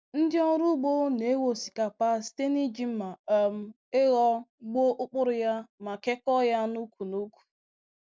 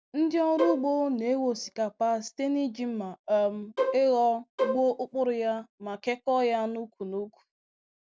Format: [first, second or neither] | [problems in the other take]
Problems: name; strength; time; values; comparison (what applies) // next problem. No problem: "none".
first | background sound (Bowed string instrument); 3 dB below the speech